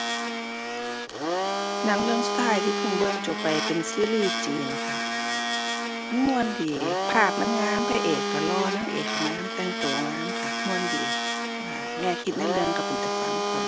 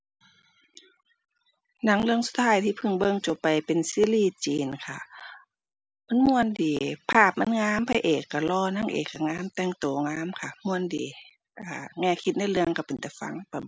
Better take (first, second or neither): second